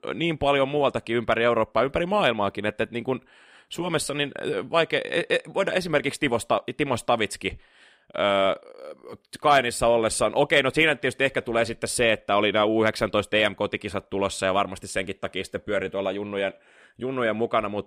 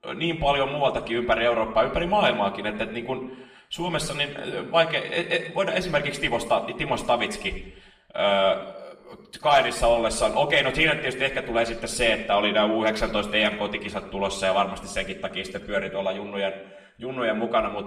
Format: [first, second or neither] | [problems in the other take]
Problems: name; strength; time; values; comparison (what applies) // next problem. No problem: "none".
first | room echo; slight; dies away in 0.7 s // off-mic speech; somewhat distant